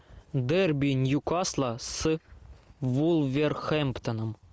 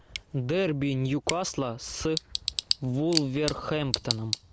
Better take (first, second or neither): first